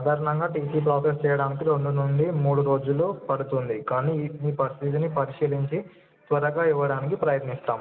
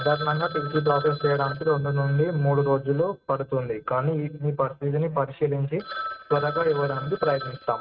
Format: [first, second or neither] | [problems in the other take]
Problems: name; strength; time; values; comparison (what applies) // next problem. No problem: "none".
first | noise reduction (neural mask model RNNoise)